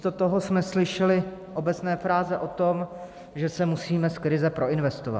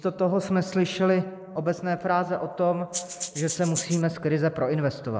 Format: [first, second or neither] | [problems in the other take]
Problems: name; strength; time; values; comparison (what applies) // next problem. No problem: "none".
first | noise reduction (neural mask model Resemble Enhance denoiser)